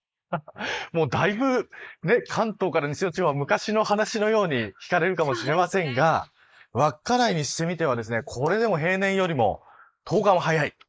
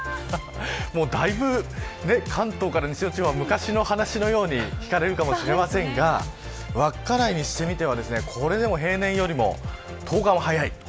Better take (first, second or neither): second